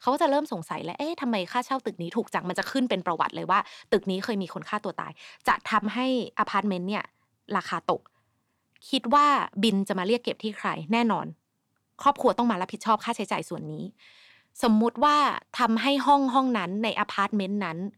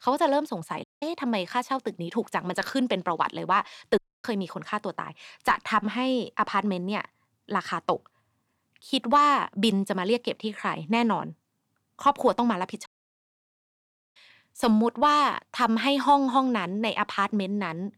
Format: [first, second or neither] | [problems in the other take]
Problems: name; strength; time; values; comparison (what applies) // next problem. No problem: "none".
first | audio cutting out; at 1 s, at 4 s and at 13 s for 1.5 s